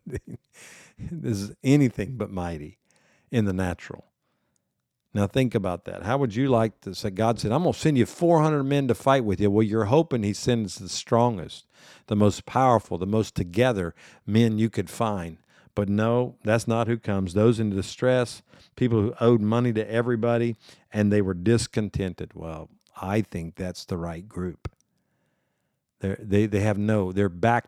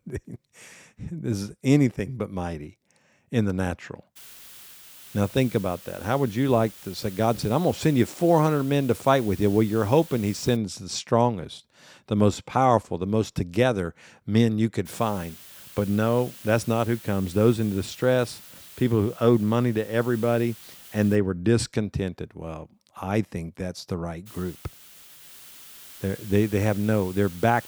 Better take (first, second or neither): first